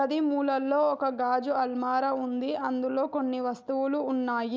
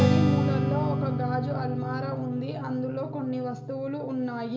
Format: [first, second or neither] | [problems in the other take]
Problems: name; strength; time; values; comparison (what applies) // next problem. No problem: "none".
first | background sound (Strum); 3 dB above the speech // room echo; dies away in 0.6 s